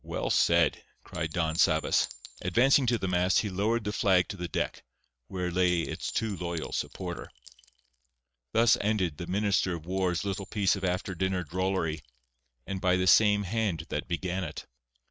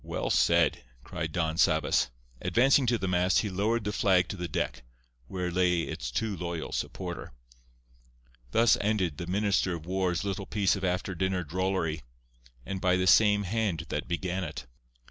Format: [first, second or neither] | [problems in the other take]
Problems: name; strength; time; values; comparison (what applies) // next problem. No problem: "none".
second | noise reduction (neural mask model RNNoise)